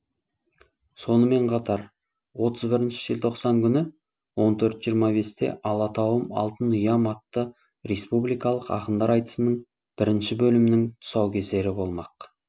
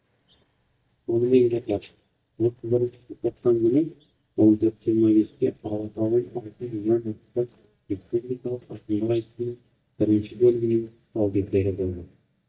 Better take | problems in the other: first | noise reduction (neural mask model DeepFilterNet 3)

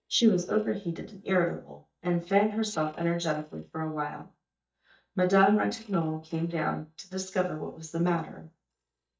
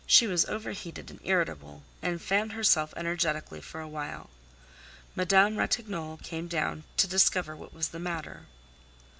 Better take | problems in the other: second | noise reduction (neural mask model DeepFilterNet 3)

